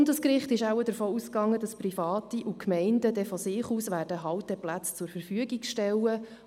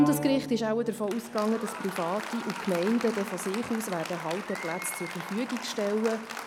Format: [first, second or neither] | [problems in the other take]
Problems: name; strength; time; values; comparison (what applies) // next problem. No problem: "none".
first | background sound (Applause); 8 dB below the speech